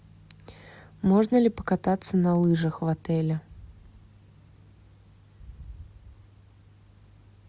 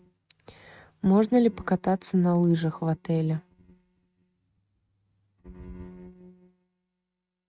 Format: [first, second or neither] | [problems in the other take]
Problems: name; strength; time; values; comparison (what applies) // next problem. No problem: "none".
first | noise reduction (neural mask model RNNoise)